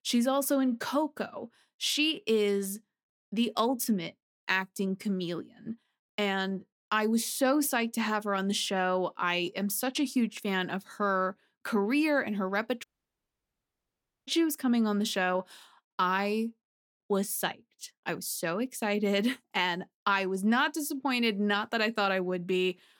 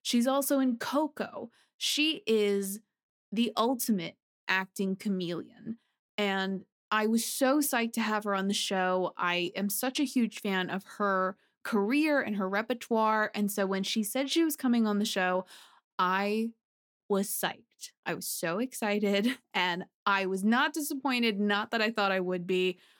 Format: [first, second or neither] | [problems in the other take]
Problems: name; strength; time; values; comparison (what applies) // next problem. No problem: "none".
second | audio cutting out; at 13 s for 1.5 s